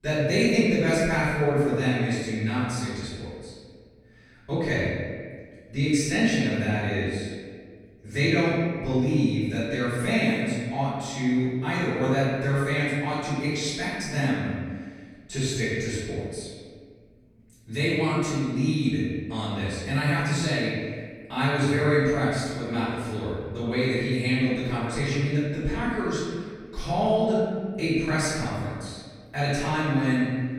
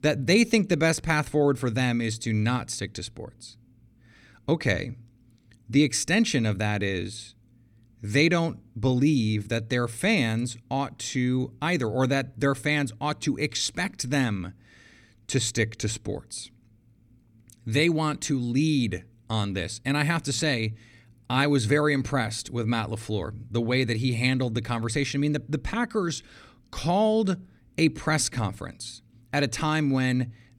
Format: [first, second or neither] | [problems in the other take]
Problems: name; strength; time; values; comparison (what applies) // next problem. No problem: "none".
second | off-mic speech; far // room echo; strong; dies away in 1.6 s